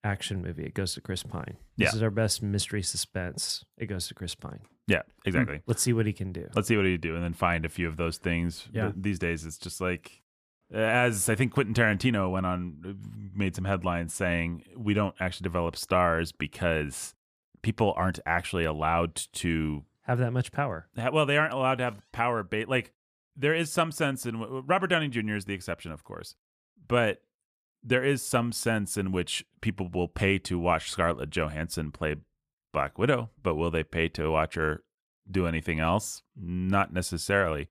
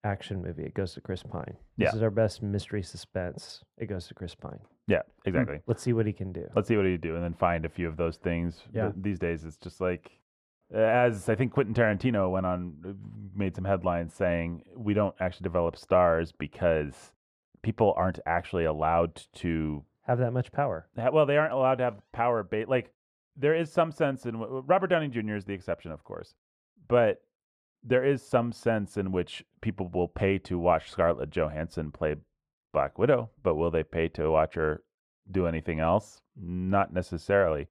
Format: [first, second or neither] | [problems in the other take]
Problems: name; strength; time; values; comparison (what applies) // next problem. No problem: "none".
first | muffled; very; fading above 1.5 kHz